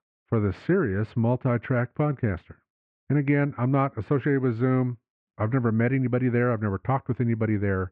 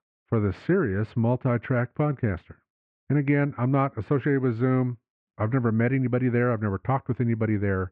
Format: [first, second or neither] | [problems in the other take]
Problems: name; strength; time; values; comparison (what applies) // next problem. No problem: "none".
neither | muffled; very; fading above 2.5 kHz; the same in both